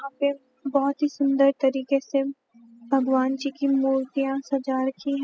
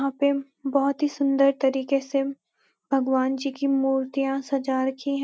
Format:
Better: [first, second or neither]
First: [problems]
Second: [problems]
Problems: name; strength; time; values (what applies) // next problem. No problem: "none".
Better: second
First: noise reduction (classical method spectral subtraction)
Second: none